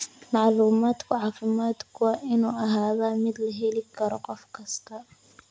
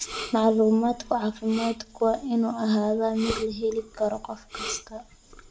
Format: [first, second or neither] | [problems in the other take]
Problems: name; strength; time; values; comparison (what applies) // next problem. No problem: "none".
first | background sound (Respiratory sounds); 14 dB below the speech // room echo; dies away in 0.3 s